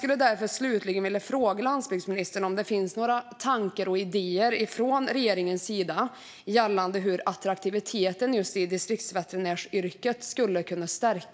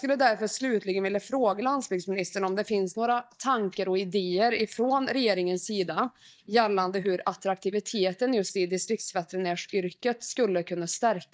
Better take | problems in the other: first | noise reduction (neural mask model DeepFilterNet 3)

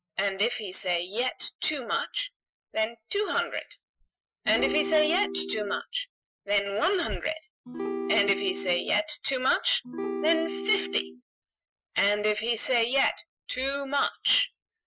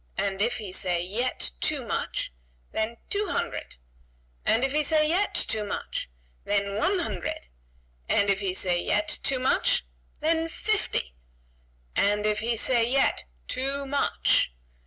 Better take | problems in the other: second | noise reduction (classical method Wiener filter)

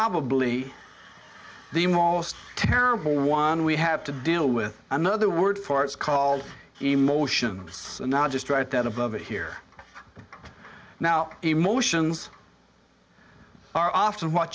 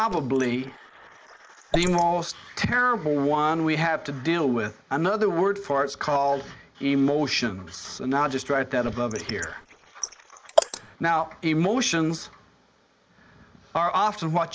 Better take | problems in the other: first | noise reduction (neural mask model Resemble Enhance denoiser)

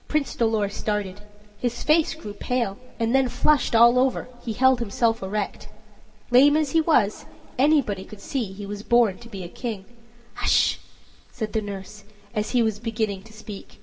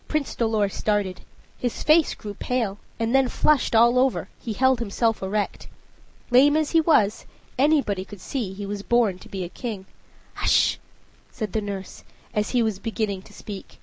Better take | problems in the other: second | room echo; dies away in 0.3 s

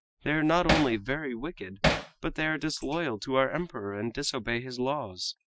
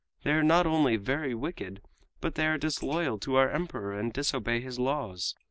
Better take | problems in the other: second | noise reduction (classical method Wiener filter)

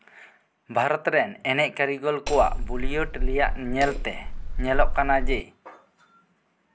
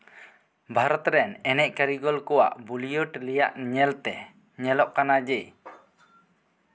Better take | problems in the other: second | background sound (Hammer); 2 dB above the speech

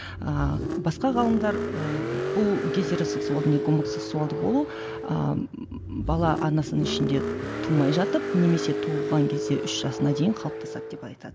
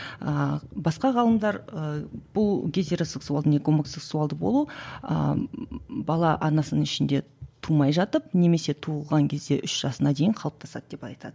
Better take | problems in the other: second | background sound (Car); 4 dB below the speech

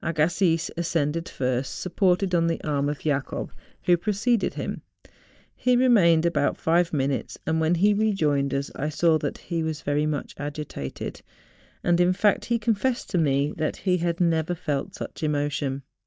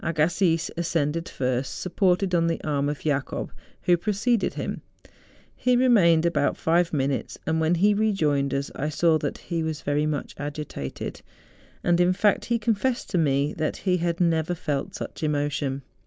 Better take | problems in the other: second | noise reduction (neural mask model DeepFilterNet 3)

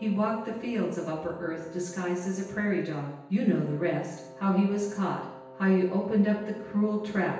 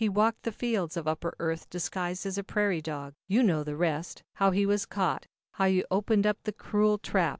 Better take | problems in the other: second | background sound (Wind instrument, woodwind instrument); 19 dB below the speech // room echo; dies away in 0.9 s

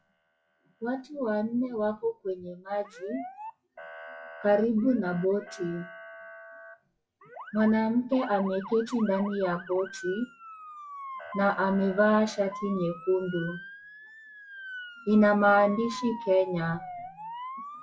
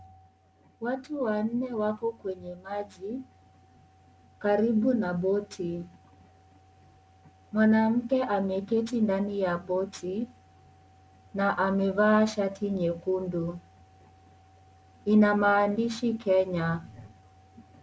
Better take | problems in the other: second | noise reduction (classical method WPE with log-MMSE)

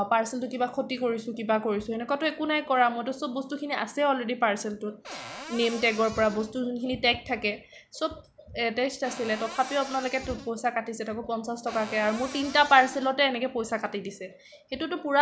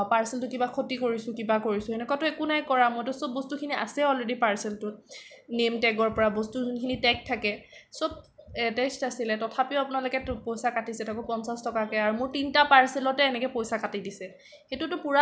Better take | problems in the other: second | background sound (Cupboard open or close); 14 dB below the speech

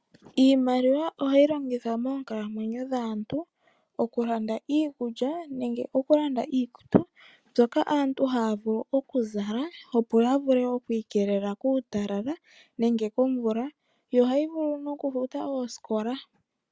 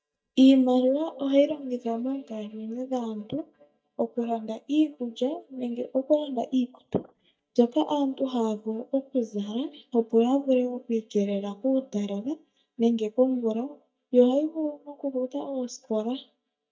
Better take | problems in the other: first | noise reduction (neural mask model DeepFilterNet 3)

